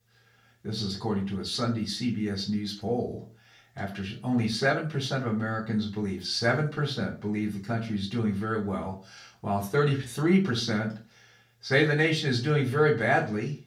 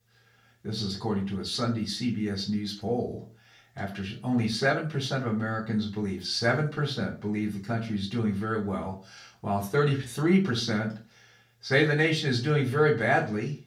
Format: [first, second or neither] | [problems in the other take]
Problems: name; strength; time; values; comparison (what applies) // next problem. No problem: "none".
neither | room echo; slight; dies away in 0.3 s; the same in both // off-mic speech; far; the same in both